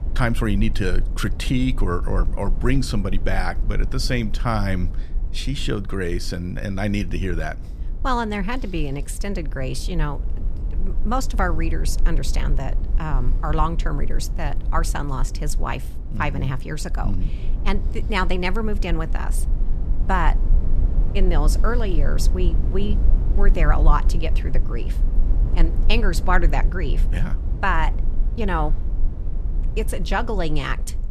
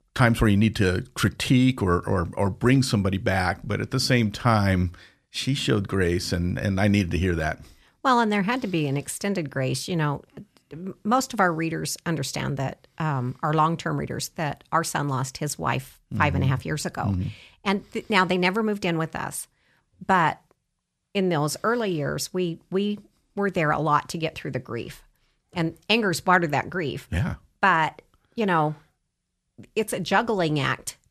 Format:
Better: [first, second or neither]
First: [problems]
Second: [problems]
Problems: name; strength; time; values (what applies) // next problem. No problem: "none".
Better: second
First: low rumble; noticeable; throughout; 15 dB below the speech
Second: none